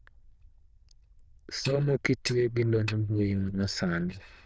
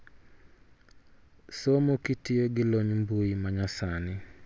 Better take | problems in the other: second | noise reduction (neural diffusion model UNIVERSE++)

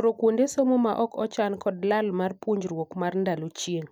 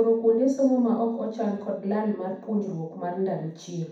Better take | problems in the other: first | room echo; dies away in 0.6 s

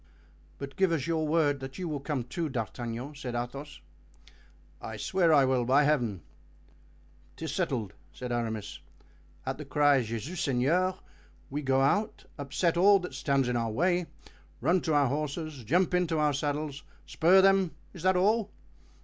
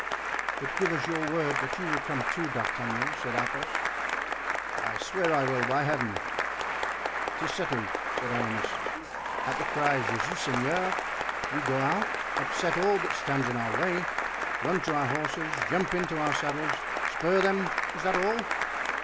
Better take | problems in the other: first | background sound (Applause / Cheering); 1 dB above the speech

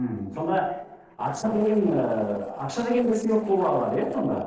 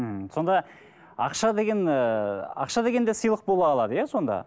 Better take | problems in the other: second | noise reduction (neural separator model SepFormer DNS4)

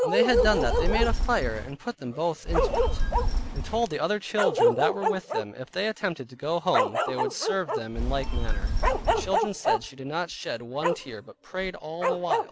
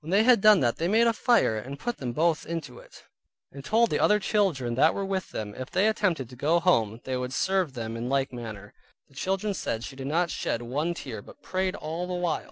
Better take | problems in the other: second | background sound (Telephone + Bark); 3 dB above the speech

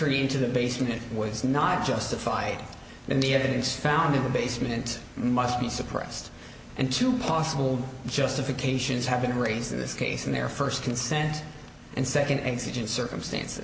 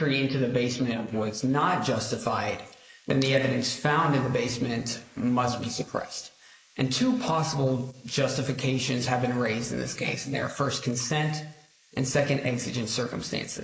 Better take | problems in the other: first | noise reduction (neural mask model Resemble Enhance denoiser)

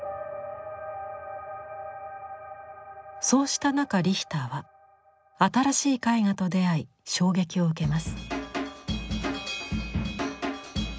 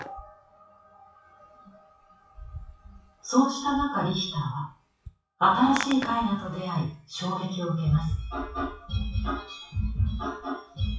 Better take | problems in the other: first | noise reduction (classical method WPE with log-MMSE)

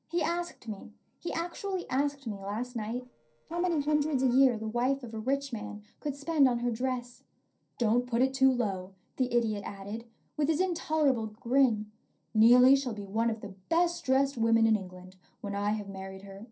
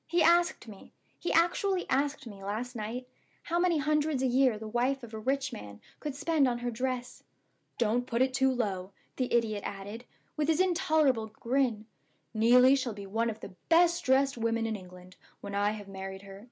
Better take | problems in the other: second | noise reduction (neural separator model SepFormer DNS4)

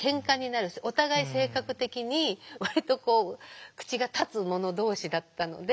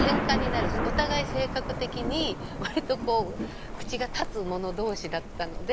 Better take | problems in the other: first | background sound (Thunder); 1 dB below the speech

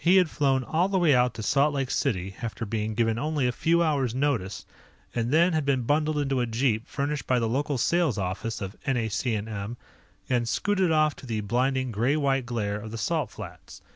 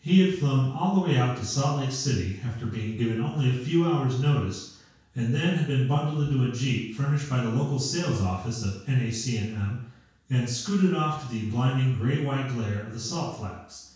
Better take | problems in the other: first | room echo; dies away in 0.6 s

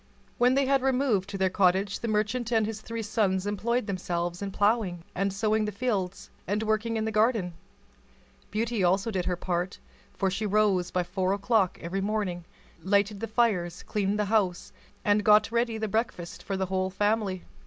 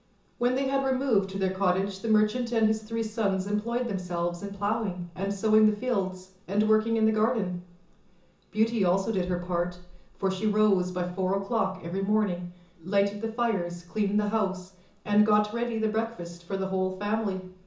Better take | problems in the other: first | room echo; dies away in 0.7 s

